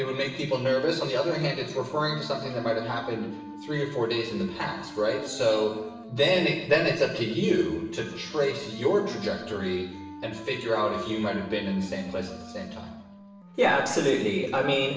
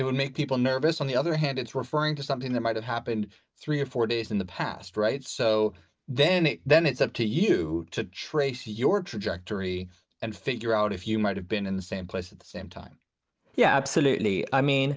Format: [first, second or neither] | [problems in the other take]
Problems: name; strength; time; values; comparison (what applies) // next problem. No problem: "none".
second | background sound (Wind instrument, woodwind instrument); 16 dB below the speech // room echo; dies away in 1 s